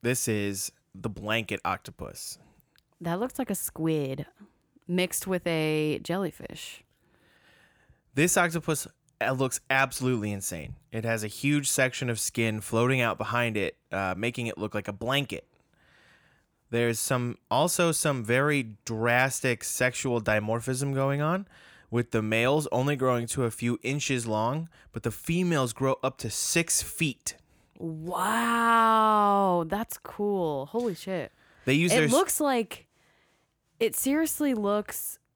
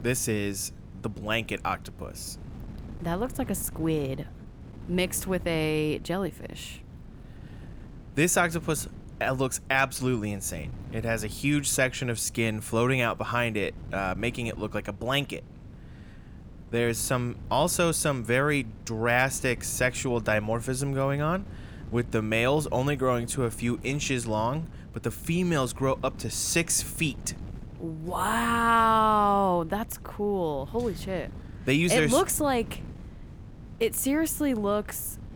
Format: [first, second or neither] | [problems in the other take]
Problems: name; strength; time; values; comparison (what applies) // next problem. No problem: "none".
first | wind noise on the microphone; occasional gusts; 25 dB below the speech